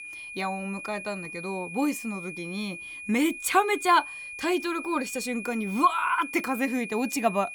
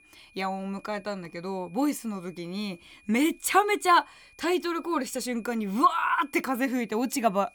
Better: second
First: high-pitched whine; loud; throughout; 2.5 kHz, 9 dB below the speech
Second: high-pitched whine; faint; throughout; 2.5 kHz, 30 dB below the speech

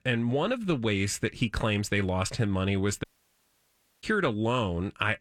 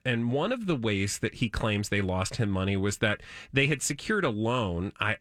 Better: second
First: audio cutting out; at 3 s for 1 s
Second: none

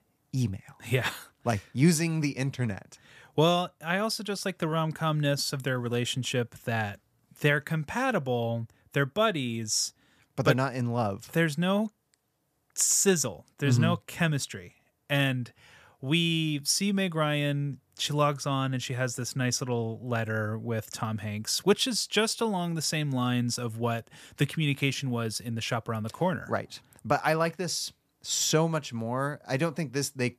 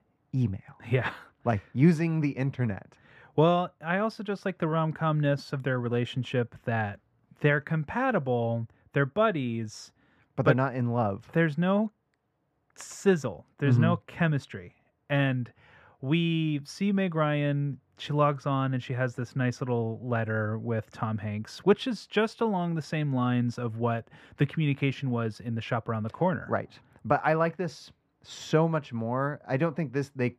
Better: first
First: none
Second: muffled; very; fading above 4 kHz

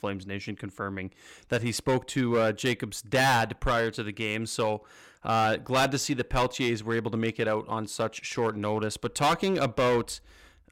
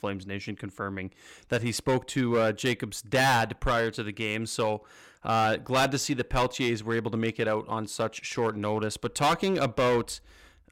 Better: neither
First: distortion; heavy; 6% of the sound clipped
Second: distortion; heavy; 6% of the sound clipped

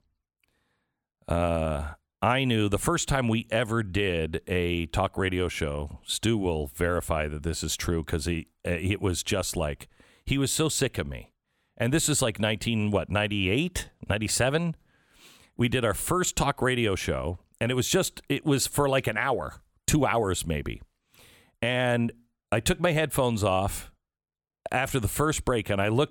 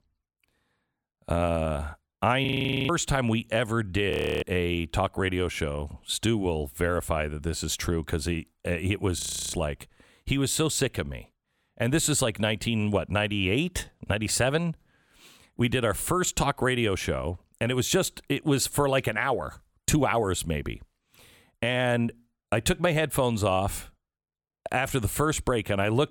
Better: first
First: none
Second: audio freezing; at 2.5 s, at 4 s and at 9 s

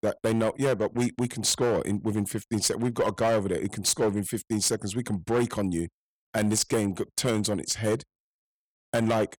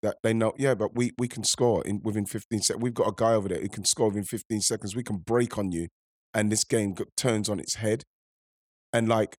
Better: second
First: distortion; slight; 8% of the sound clipped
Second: none

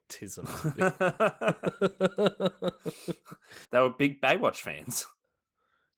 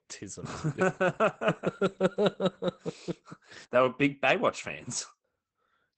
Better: first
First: garbled, watery; slightly; nothing above 17 kHz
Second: garbled, watery; badly; nothing above 8 kHz

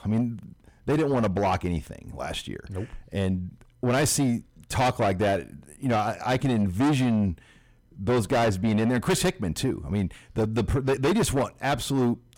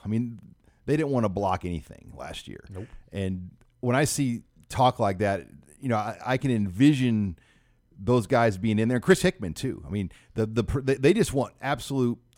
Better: second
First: distortion; heavy; 6 dB below the speech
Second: none

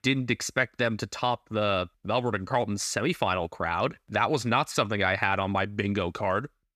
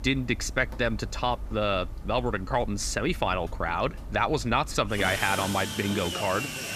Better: first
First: none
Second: machinery noise; loud; throughout; 9 dB below the speech

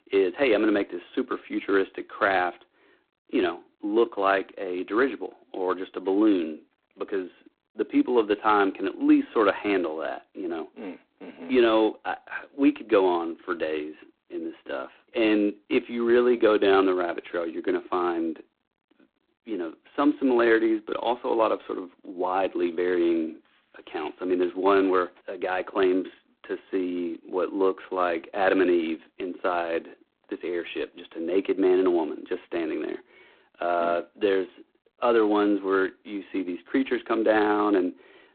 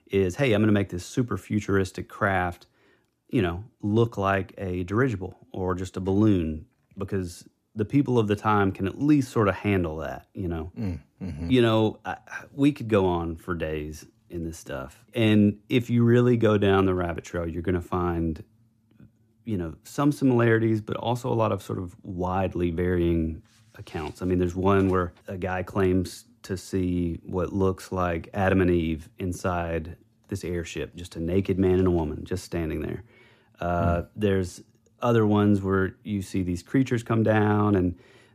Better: second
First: phone-call audio; poor line; nothing above 4 kHz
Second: none

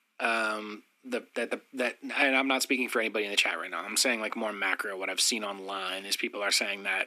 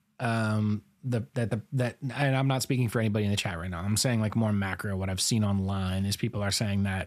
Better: second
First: thin; somewhat; fading below 250 Hz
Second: none

